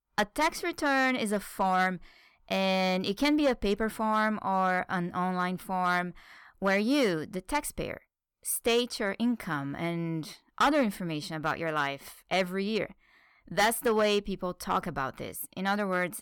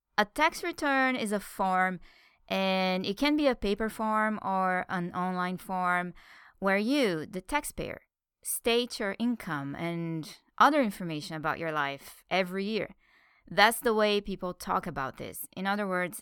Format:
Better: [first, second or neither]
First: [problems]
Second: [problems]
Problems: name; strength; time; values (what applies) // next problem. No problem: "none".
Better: second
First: distortion; slight; 2% of the sound clipped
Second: none